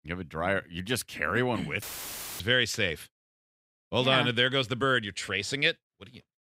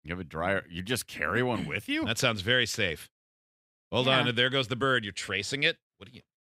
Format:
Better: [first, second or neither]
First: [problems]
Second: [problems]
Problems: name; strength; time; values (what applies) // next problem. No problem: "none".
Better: second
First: audio cutting out; filled with static; at 2 s for 0.5 s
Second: none